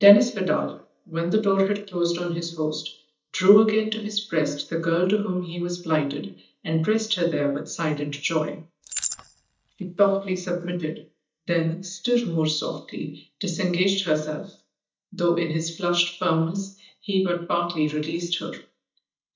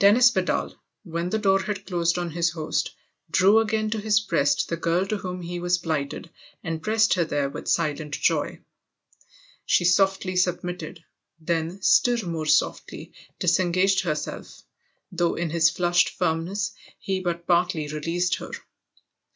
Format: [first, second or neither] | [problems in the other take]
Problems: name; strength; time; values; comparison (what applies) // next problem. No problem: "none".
second | noise reduction (neural mask model DeepFilterNet 3)